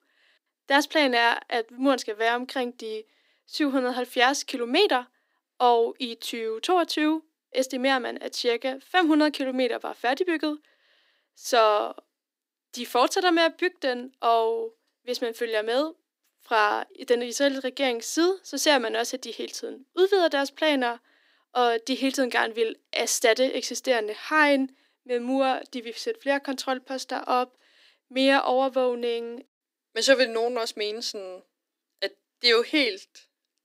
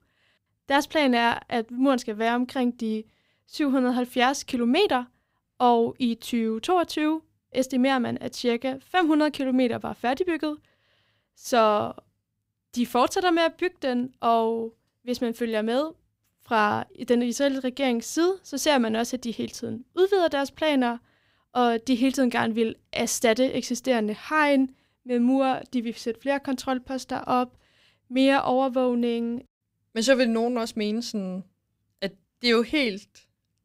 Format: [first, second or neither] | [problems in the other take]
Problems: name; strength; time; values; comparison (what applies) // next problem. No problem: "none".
second | thin; very slightly; fading below 300 Hz